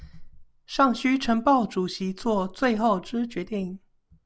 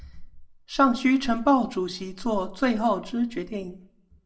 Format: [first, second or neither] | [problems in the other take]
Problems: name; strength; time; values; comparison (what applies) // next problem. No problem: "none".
first | room echo; dies away in 0.3 s